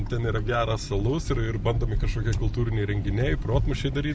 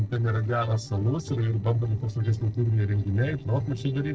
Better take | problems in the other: first | noise reduction (neural separator model SepFormer DNS4)

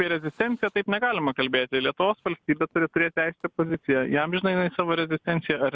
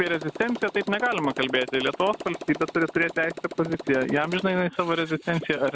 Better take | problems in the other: first | background sound (Motorcycle); 12 dB below the speech

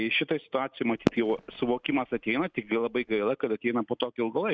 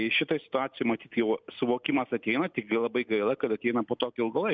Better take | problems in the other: second | noise reduction (neural mask model RNNoise)

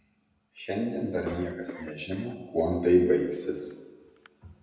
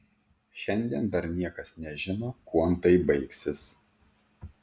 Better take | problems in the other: second | background sound (Cough); 19 dB below the speech // room echo; dies away in 0.9 s

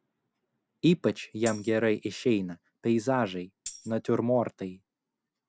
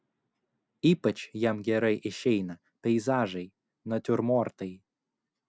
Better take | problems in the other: second | background sound (Tambourine); 18 dB below the speech

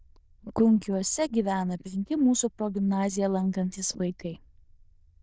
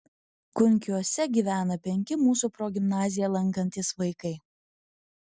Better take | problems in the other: second | noise reduction (neural diffusion model UNIVERSE++)

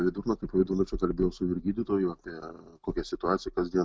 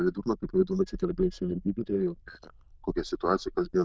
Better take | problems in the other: first | noise reduction (neural diffusion model UNIVERSE++)

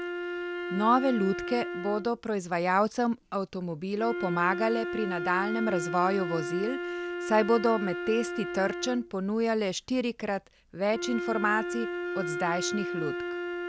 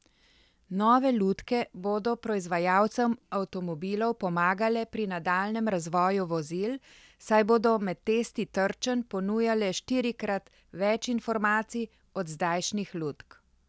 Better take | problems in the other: second | background sound (Wind instrument, woodwind instrument); 6 dB below the speech

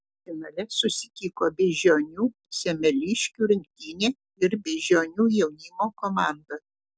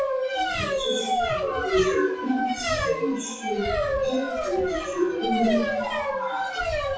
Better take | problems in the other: first | noise reduction (classical method WPE with log-MMSE)

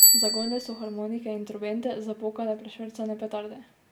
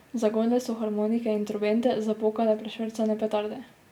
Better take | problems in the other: second | background sound (Bicycle bell); 5 dB above the speech

